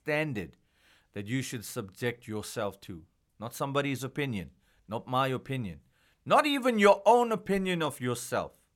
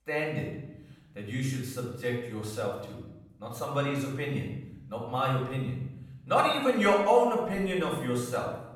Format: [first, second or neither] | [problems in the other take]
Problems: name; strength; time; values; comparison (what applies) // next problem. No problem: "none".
first | off-mic speech; far // room echo; noticeable; dies away in 0.8 s